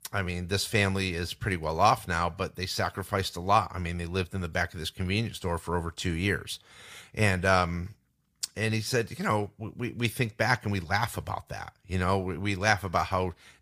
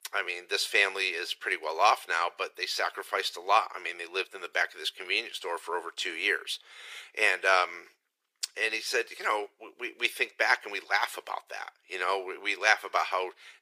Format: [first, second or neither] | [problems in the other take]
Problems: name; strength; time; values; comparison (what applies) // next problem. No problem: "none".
first | thin; very; fading below 350 Hz